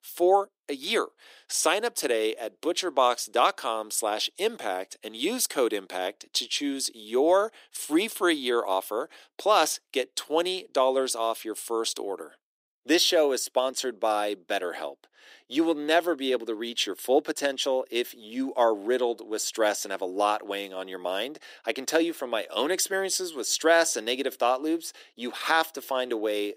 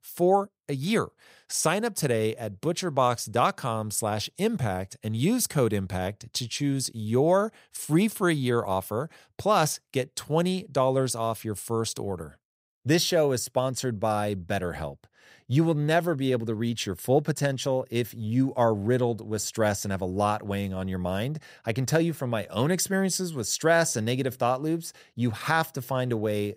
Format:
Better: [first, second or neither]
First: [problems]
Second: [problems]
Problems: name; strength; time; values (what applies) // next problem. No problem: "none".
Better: second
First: thin; somewhat; fading below 300 Hz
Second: none